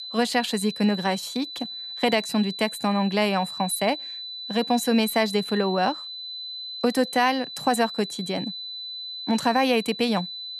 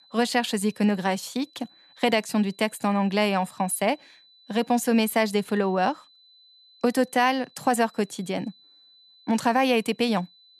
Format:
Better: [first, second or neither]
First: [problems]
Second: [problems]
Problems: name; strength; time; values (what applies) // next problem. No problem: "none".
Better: second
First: high-pitched whine; loud; throughout; 4 kHz, 9 dB below the speech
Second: high-pitched whine; faint; throughout; 4 kHz, 30 dB below the speech